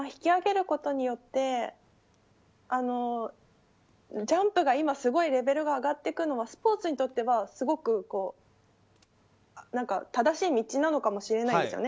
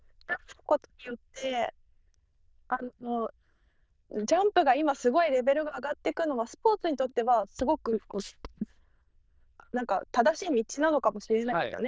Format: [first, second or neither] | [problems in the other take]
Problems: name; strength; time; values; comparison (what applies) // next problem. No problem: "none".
first | noise reduction (neural diffusion model UNIVERSE++)